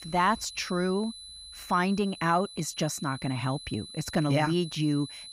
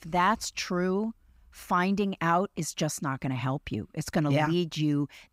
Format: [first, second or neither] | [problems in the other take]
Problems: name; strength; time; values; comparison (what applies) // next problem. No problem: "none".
second | high-pitched whine; noticeable; throughout; 4 kHz, 15 dB below the speech